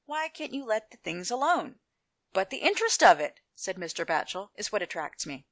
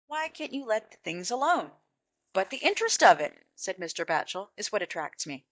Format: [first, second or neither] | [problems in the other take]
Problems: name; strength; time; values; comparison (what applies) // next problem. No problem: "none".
first | noise reduction (neural mask model DeepFilterNet 3)